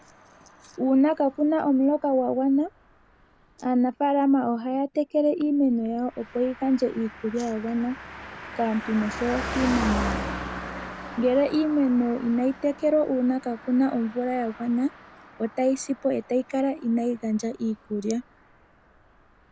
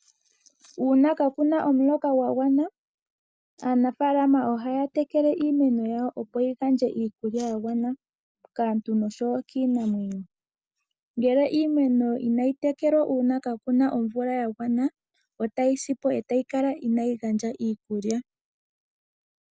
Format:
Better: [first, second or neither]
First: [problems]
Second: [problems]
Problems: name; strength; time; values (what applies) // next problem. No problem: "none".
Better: second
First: background sound (Car passing by); 13 dB below the speech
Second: none